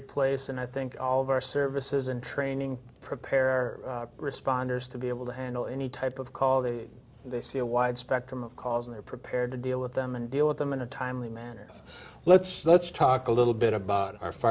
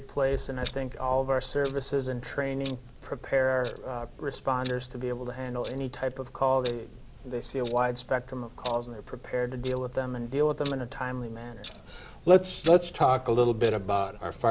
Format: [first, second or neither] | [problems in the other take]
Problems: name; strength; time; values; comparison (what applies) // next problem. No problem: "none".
first | background sound (Clock); 15 dB below the speech